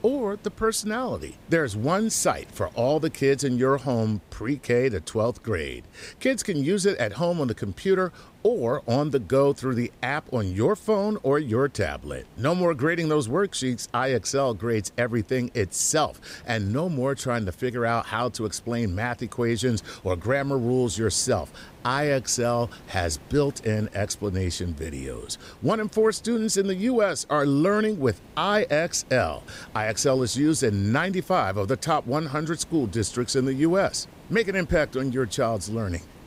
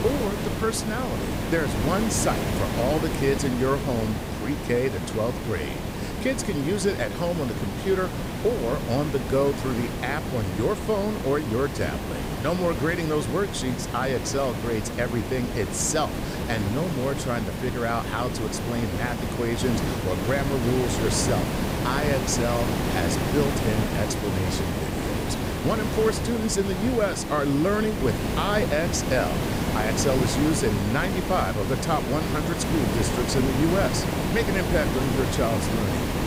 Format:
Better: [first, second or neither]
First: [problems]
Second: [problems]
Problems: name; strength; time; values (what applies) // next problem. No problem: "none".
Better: first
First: hiss; faint; throughout; 25 dB below the speech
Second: hiss; loud; throughout; 1 dB below the speech